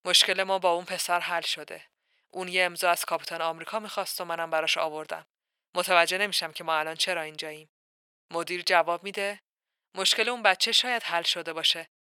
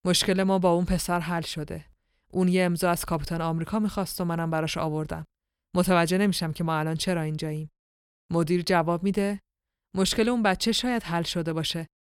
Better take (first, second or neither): second